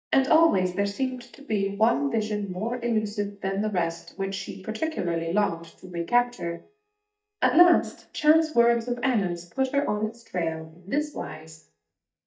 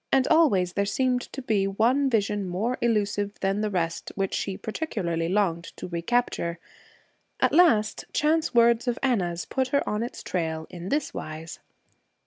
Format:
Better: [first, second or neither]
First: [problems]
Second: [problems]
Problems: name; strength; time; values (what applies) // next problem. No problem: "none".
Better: second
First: noise reduction (neural mask model DeepFilterNet 3)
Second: none